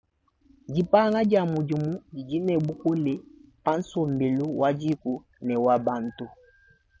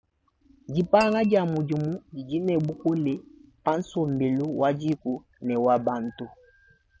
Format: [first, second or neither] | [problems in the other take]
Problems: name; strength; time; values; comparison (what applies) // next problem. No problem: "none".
first | background sound (Tap / Glass); 16 dB below the speech